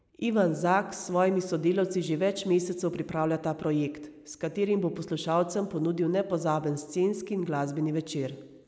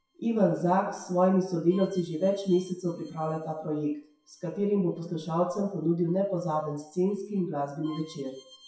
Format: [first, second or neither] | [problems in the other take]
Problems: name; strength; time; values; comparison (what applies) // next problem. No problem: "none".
first | noise reduction (classical method WPE with log-MMSE)